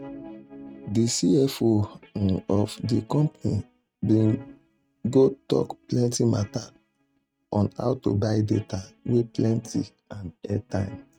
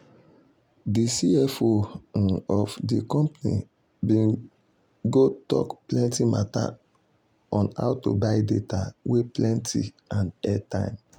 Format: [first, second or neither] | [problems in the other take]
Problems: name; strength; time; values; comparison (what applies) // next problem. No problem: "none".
second | noise reduction (neural mask model RNNoise)